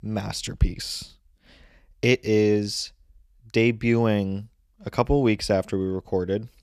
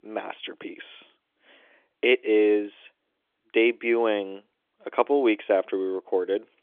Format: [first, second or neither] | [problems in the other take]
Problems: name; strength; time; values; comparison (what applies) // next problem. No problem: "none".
first | phone-call audio; nothing above 3.5 kHz